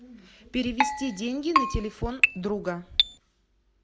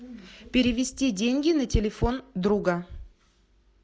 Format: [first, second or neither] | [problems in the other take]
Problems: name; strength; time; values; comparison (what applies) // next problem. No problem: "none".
second | background sound (Keyboard (musical)); 4 dB above the speech